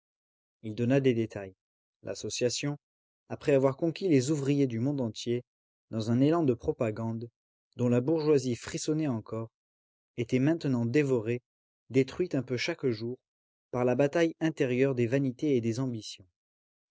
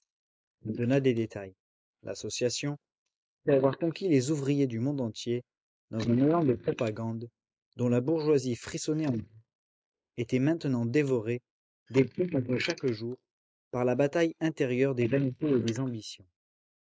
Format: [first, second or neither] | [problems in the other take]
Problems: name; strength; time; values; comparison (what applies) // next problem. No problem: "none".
first | noise reduction (neural mask model Resemble Enhance denoiser)